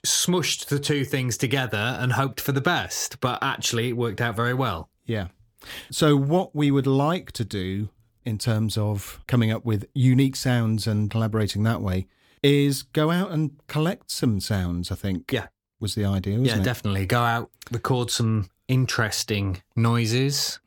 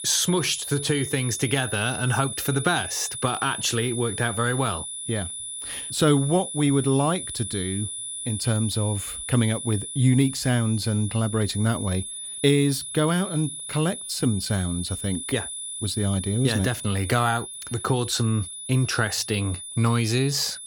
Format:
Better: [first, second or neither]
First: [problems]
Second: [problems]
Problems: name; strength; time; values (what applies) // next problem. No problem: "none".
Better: first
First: none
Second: high-pitched whine; loud; throughout; 10 kHz, 7 dB below the speech